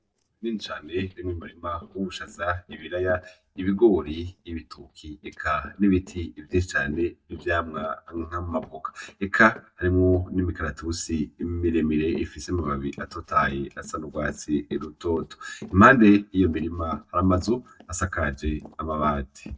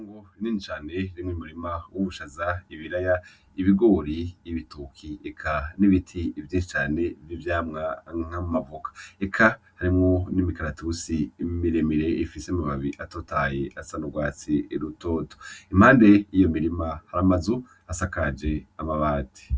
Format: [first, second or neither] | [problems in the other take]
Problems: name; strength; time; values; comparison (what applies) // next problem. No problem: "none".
second | noise reduction (neural mask model DeepFilterNet 3)